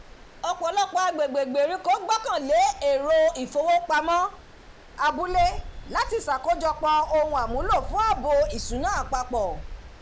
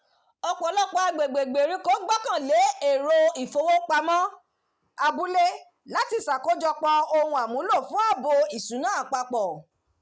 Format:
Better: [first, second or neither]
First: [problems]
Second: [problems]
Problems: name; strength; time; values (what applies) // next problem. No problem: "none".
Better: second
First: background sound (Stream); 13 dB below the speech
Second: none